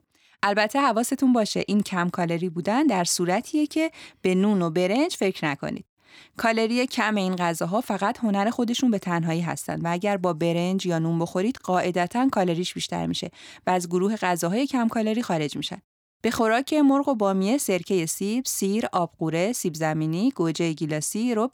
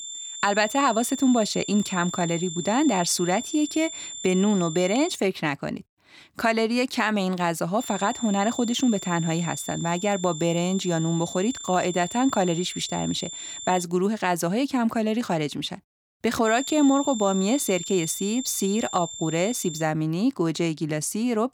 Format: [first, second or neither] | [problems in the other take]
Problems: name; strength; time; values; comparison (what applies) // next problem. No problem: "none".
first | high-pitched whine; loud; until 5 s, from 8 to 14 s and from 16 to 20 s; 7.5 kHz, 9 dB below the speech